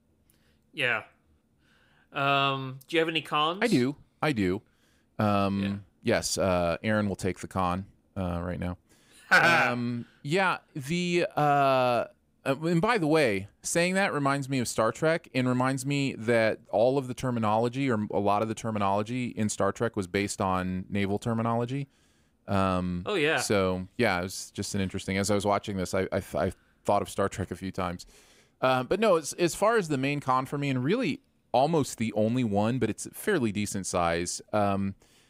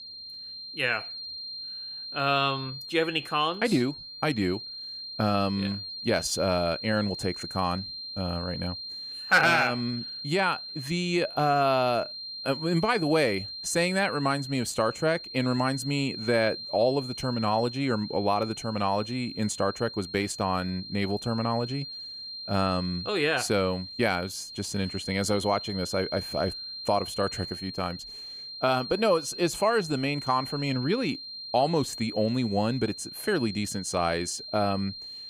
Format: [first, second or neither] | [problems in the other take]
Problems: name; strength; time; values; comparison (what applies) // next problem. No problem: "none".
first | high-pitched whine; loud; throughout; 4 kHz, 9 dB below the speech